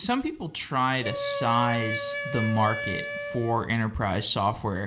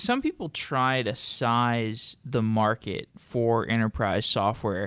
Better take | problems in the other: second | background sound (Wind instrument, woodwind instrument); 6 dB below the speech // room echo; dies away in 0.7 s

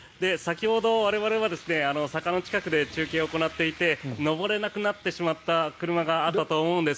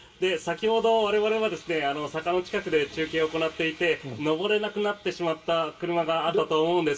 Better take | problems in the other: first | room echo; dies away in 0.2 s

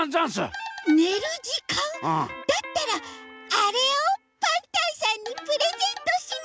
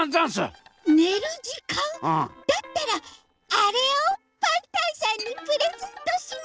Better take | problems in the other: first | noise reduction (neural separator model SepFormer DNS4)

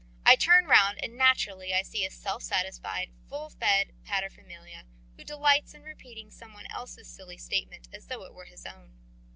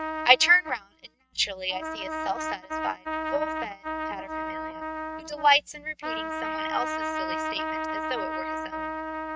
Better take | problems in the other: first | noise reduction (neural mask model RNNoise)

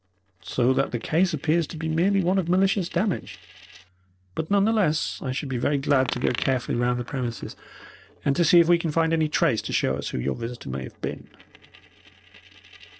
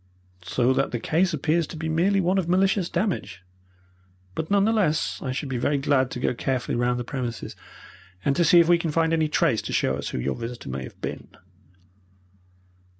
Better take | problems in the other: second | noise reduction (neural separator model SepFormer DNS4)

